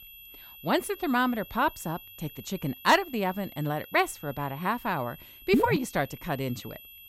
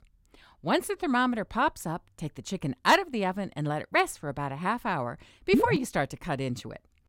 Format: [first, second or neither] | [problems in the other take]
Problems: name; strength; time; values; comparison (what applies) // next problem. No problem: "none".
second | high-pitched whine; noticeable; throughout; 12 kHz, 15 dB below the speech